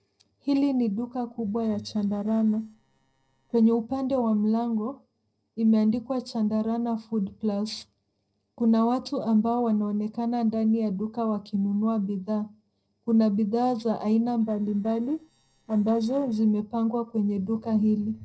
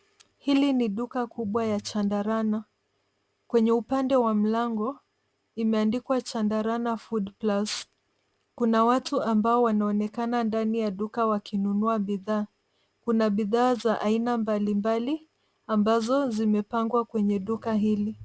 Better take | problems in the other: second | noise reduction (neural separator model SepFormer DNS4)

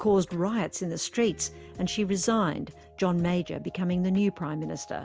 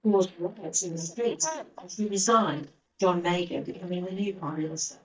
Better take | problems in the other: first | noise reduction (neural mask model DeepFilterNet 3)

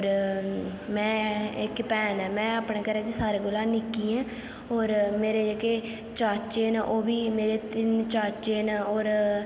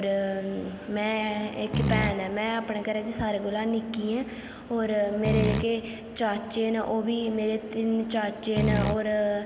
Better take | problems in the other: first | background sound (Fart); as loud as the speech

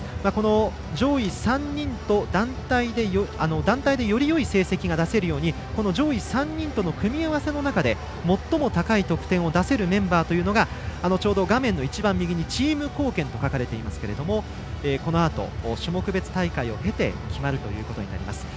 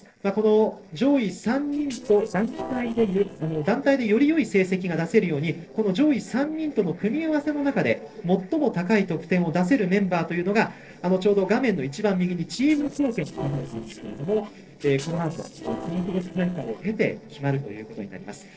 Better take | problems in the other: first | noise reduction (neural separator model SepFormer DNS4)

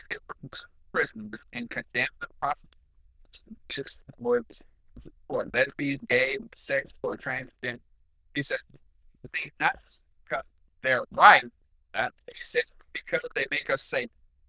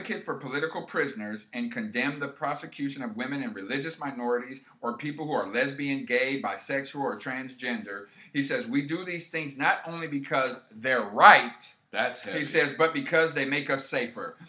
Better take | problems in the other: second | noise reduction (neural diffusion model UNIVERSE++)

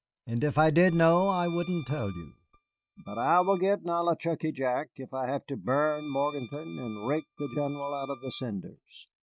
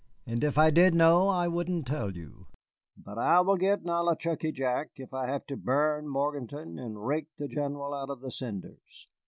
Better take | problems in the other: second | noise reduction (neural mask model RNNoise)

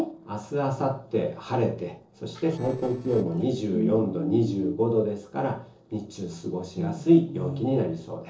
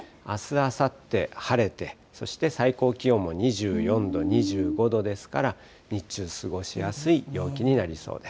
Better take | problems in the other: second | noise reduction (neural separator model SepFormer DNS4)

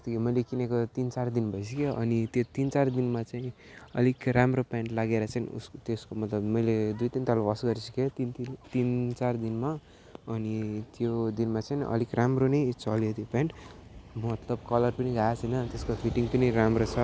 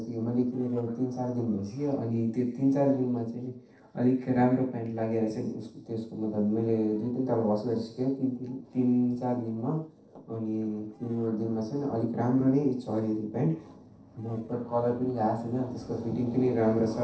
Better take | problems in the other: first | noise reduction (neural separator model SepFormer DNS4)

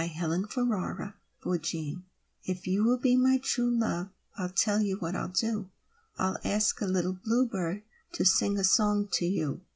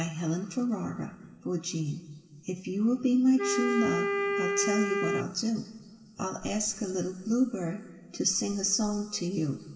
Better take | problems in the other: first | background sound (Wind instrument, woodwind instrument); 1 dB below the speech // room echo; dies away in 2.6 s

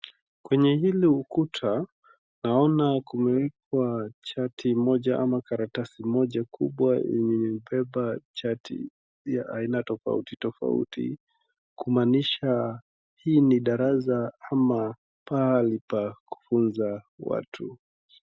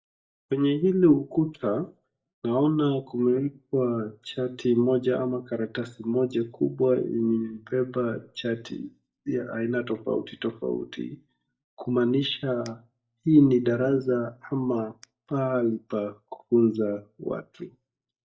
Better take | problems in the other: first | noise reduction (neural mask model DeepFilterNet 3)

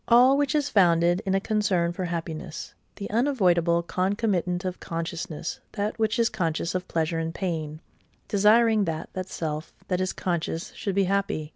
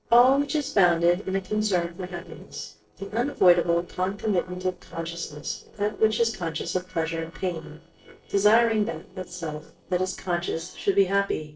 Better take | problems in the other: first | noise reduction (neural separator model SepFormer DNS4)

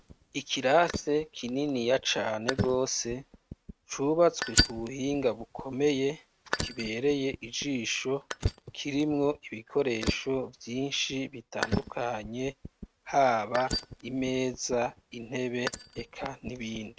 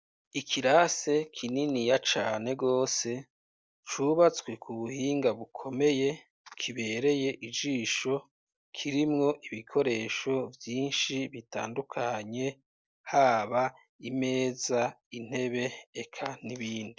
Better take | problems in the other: second | noise reduction (neural mask model RNNoise)

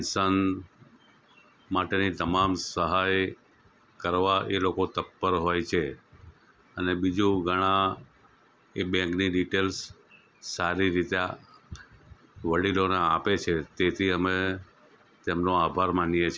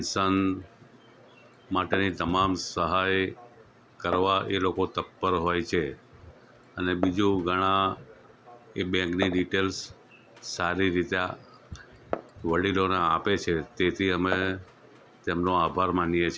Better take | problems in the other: first | background sound (Glass); 15 dB below the speech

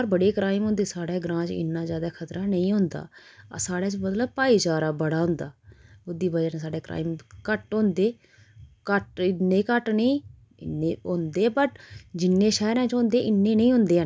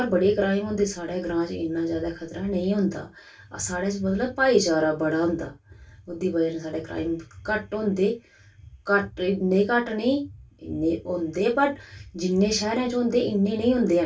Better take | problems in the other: first | room echo; dies away in 0.1 s

